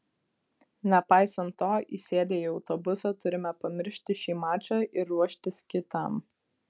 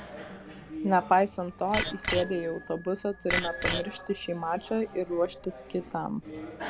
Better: first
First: none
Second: background sound (Bicycle bell); 7 dB below the speech

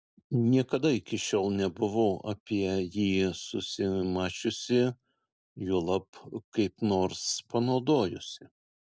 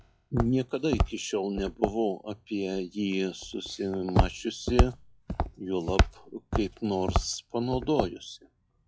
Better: first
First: none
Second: noise reduction (classical method log-MMSE)

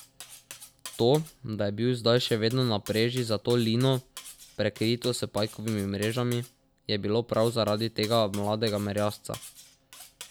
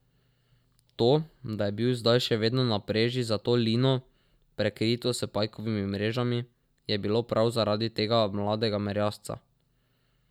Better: second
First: background sound (Cutlery, silverware); 20 dB below the speech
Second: none

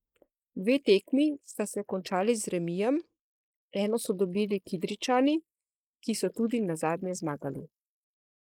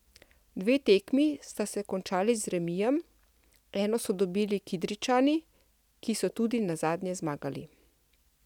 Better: second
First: noise reduction (neural mask model Resemble Enhance denoiser)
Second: none

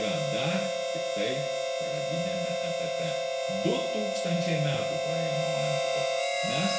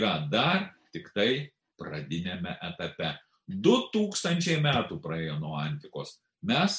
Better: second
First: background sound (Harmonica); 5 dB above the speech // room echo; dies away in 0.8 s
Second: none

